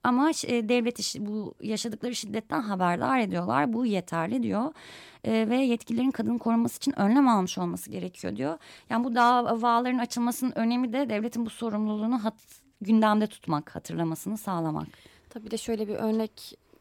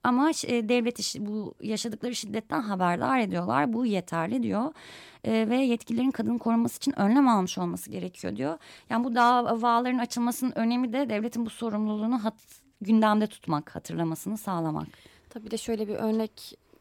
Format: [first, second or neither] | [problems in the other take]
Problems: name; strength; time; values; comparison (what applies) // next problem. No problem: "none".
neither | none